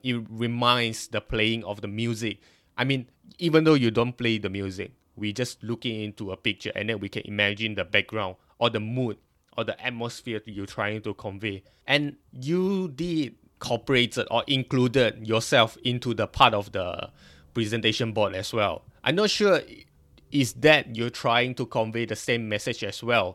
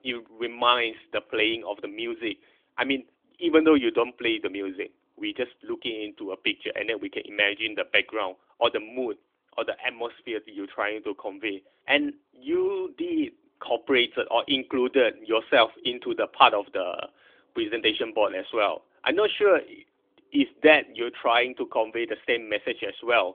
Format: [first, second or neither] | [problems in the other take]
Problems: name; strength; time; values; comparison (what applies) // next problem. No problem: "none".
first | phone-call audio; nothing above 3.5 kHz